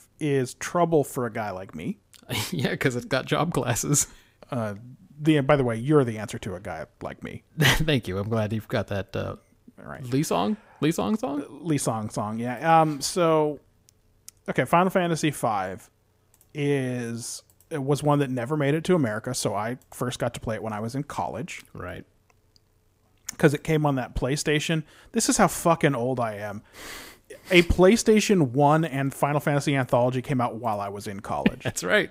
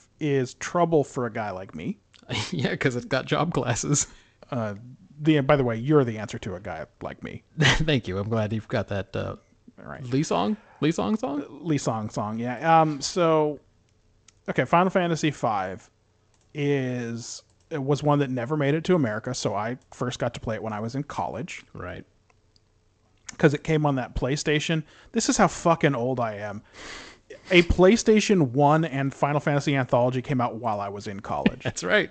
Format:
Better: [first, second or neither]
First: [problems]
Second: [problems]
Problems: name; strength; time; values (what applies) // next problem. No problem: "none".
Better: first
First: none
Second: garbled, watery; slightly; nothing above 7.5 kHz